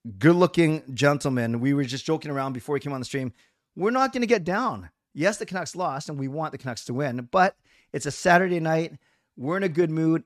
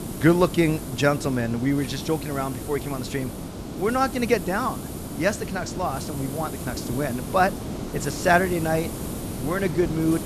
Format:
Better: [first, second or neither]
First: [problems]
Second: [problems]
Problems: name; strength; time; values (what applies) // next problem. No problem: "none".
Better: first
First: none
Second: hiss; loud; throughout; 8 dB below the speech